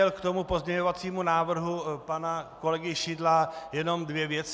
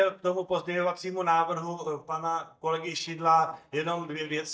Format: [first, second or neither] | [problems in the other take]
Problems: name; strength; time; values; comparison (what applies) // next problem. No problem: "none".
first | noise reduction (neural mask model DeepFilterNet 3)